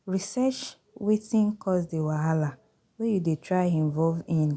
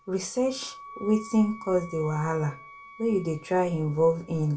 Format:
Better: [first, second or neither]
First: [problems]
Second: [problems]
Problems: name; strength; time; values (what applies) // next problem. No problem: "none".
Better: first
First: none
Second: background sound (Wind instrument, woodwind instrument); 20 dB below the speech // room echo; dies away in 0.2 s